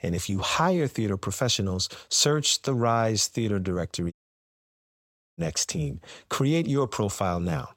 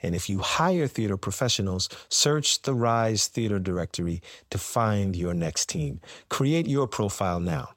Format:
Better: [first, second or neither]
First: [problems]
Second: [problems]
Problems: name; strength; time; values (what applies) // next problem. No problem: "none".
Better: second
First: audio cutting out; at 4 s for 1.5 s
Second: none